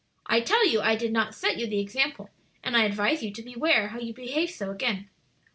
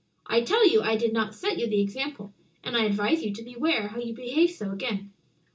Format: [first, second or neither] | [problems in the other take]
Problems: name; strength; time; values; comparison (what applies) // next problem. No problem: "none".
first | room echo; dies away in 0.2 s